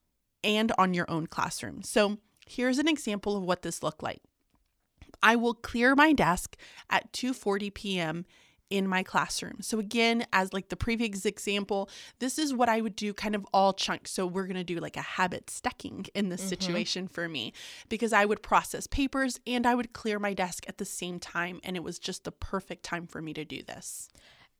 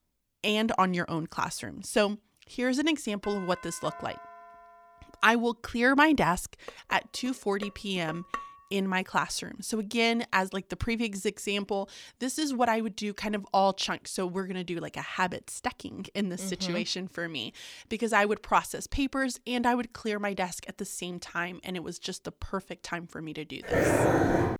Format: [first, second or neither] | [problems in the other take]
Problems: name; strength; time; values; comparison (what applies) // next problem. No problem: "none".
first | doorbell; faint; from 3 to 5 s; peak 15 dB below the speech // clattering dishes; noticeable; from 6.5 to 8.5 s; peak 9 dB below the speech // dog barking; loud; at 24 s; peak 6 dB above the speech